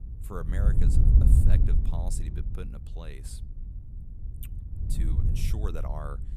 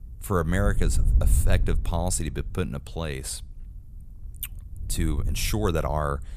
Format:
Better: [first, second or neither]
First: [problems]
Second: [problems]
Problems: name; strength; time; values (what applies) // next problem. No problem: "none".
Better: second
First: wind noise on the microphone; heavy; 1 dB above the speech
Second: wind noise on the microphone; occasional gusts; 15 dB below the speech